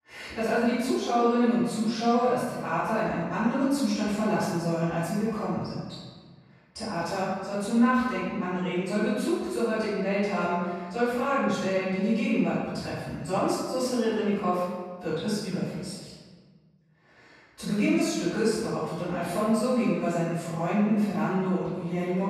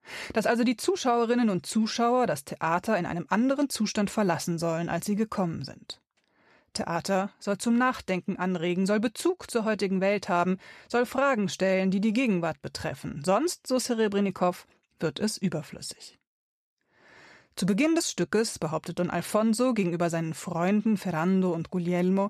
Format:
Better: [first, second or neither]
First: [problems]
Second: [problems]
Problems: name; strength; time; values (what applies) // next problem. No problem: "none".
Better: second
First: off-mic speech; far // room echo; strong; dies away in 1.3 s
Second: none